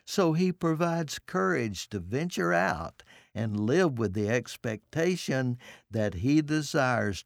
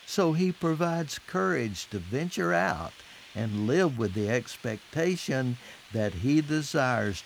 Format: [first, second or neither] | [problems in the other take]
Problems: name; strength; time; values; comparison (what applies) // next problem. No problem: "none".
first | hiss; faint; throughout; 20 dB below the speech